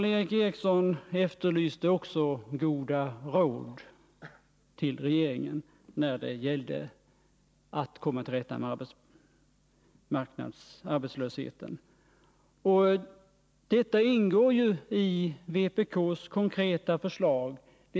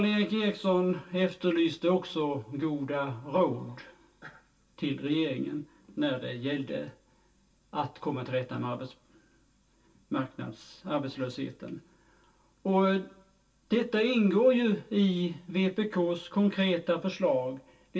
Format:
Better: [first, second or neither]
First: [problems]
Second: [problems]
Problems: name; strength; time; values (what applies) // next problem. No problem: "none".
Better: first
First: none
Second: room echo; dies away in 0.2 s